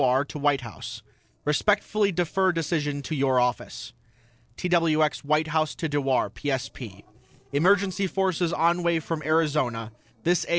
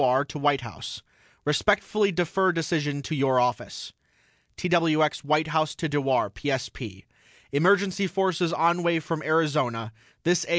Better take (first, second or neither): second